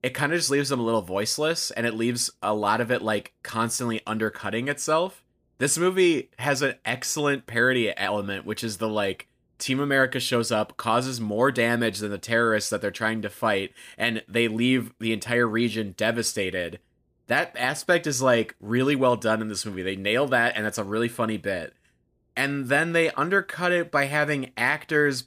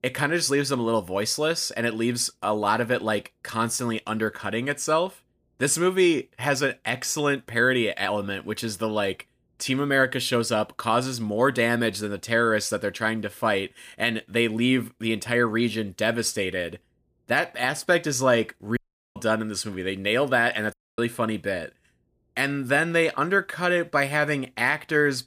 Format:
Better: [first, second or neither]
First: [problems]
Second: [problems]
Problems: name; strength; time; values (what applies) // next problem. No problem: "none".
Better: first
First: none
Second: audio cutting out; at 19 s and at 21 s